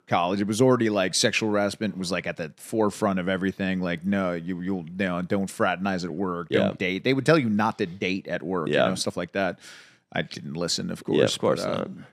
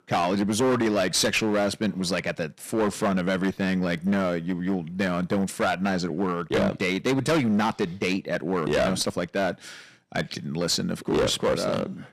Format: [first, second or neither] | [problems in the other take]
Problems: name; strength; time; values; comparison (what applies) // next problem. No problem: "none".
first | distortion; heavy; 11% of the sound clipped